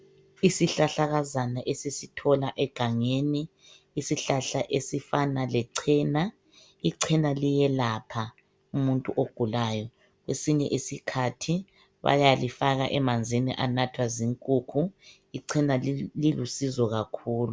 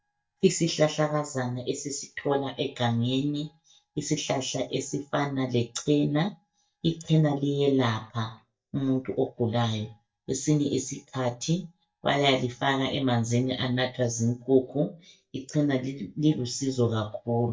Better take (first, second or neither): first